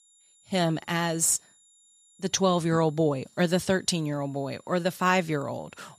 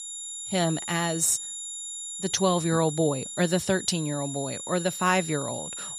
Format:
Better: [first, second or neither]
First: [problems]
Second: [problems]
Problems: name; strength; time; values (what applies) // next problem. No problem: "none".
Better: first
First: high-pitched whine; faint; throughout; 7 kHz, 30 dB below the speech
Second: high-pitched whine; loud; throughout; 7 kHz, 7 dB below the speech